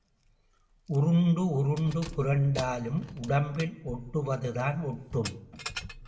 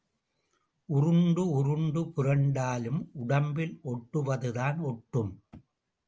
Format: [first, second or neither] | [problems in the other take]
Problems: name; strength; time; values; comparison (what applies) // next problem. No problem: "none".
second | background sound (Keys jangling); 16 dB below the speech // room echo; dies away in 1.6 s